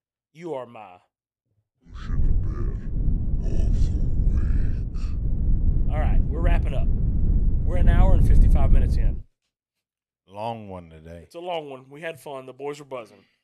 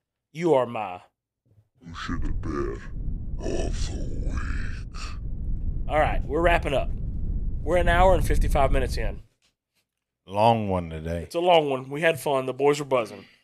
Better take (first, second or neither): second